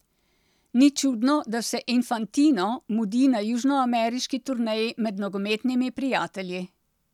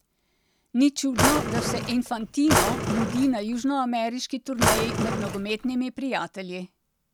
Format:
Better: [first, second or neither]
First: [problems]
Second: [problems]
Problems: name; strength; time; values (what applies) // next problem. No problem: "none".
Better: first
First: none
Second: background sound (Drawer open or close); as loud as the speech